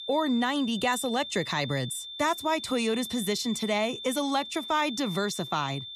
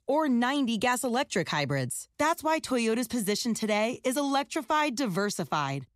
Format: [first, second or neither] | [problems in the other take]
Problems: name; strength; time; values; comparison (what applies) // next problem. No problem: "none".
second | high-pitched whine; loud; throughout; 3.5 kHz, 9 dB below the speech